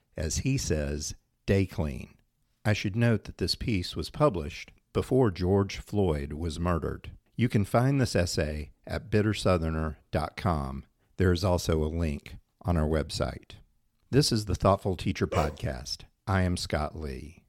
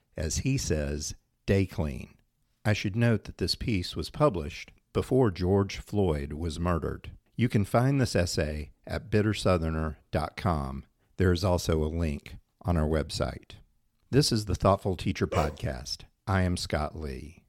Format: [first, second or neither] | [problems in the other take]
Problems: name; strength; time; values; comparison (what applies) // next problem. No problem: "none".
neither | dog barking; noticeable; at 15 s; peak 6 dB below the speech; the same in both